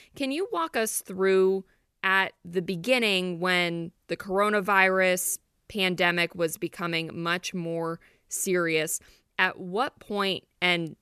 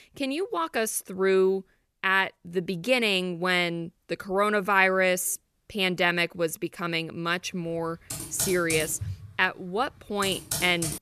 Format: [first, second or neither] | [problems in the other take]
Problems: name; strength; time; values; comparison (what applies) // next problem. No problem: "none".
first | keyboard typing; noticeable; from 8 s on; peak 3 dB below the speech